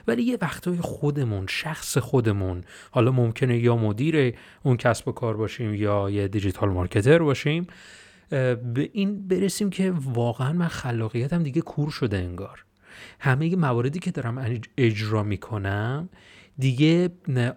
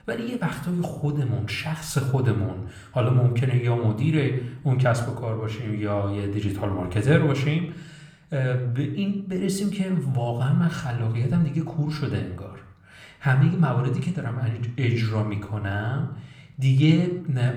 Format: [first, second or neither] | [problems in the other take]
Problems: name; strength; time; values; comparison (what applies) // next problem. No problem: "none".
first | room echo; slight; dies away in 0.6 s